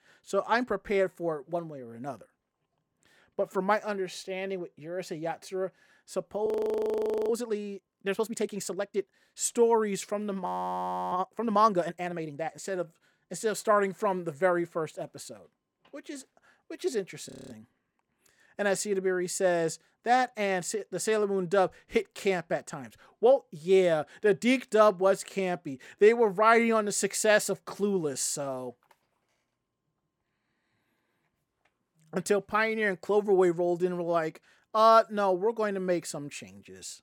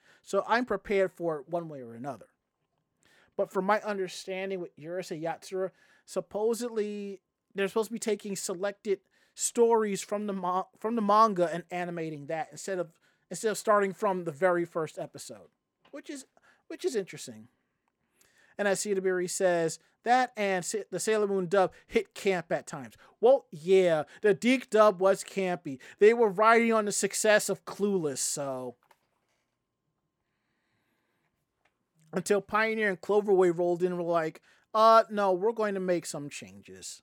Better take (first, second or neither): second